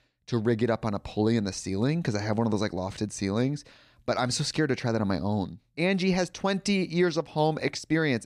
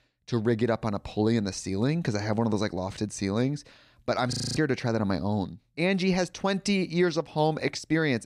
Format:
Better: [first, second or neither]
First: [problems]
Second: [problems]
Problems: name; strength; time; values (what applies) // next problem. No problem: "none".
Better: first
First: none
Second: audio freezing; at 4.5 s